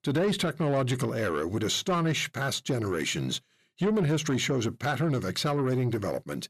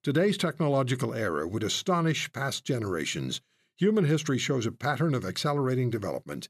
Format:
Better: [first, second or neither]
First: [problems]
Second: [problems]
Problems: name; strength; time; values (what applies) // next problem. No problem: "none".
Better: second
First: distortion; slight; 10 dB below the speech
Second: none